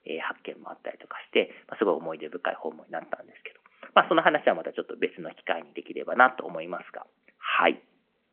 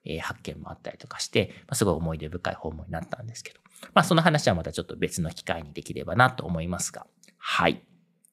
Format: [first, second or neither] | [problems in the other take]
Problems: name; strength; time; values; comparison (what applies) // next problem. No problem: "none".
second | phone-call audio; nothing above 3 kHz